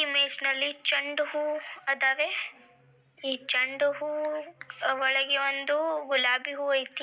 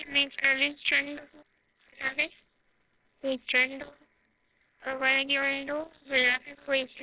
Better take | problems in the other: first | noise reduction (neural separator model SepFormer WHAMR!)

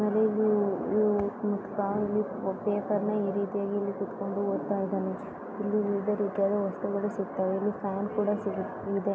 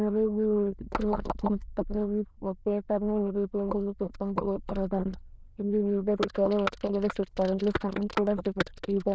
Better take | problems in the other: first | noise reduction (neural diffusion model UNIVERSE++)

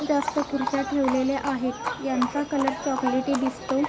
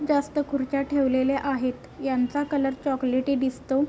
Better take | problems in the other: second | background sound (Livestock, farm animals, working animals); 6 dB below the speech

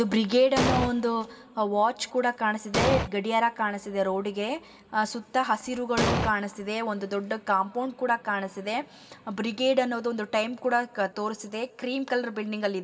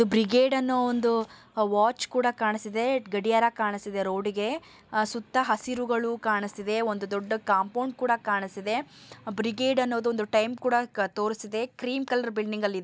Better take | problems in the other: second | background sound (Explosion); 3 dB above the speech // room echo; dies away in 1.7 s

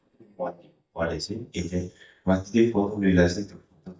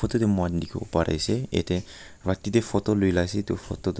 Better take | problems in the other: second | noise reduction (neural mask model DeepFilterNet 3)

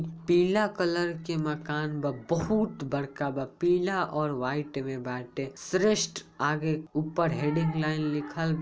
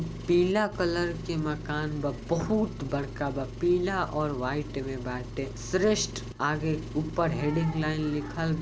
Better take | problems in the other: first | background sound (Engine); 10 dB below the speech

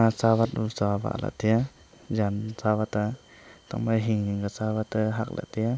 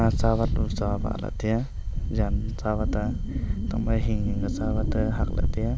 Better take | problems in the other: first | background sound (Wind); 3 dB above the speech

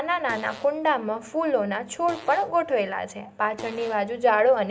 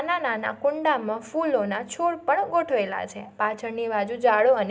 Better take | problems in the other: second | background sound (Fart); 20 dB below the speech

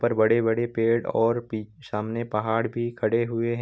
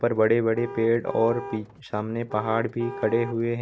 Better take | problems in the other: first | background sound (Car); 14 dB below the speech

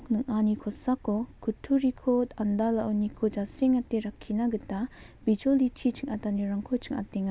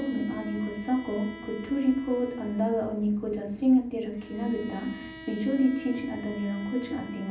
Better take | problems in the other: first | background sound (Bowed string instrument); 16 dB below the speech // room echo; dies away in 0.6 s

